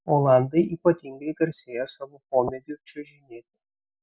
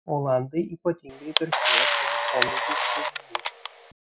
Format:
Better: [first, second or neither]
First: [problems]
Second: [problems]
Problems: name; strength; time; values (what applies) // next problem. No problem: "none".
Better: first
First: none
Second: background sound (Camera); 5 dB above the speech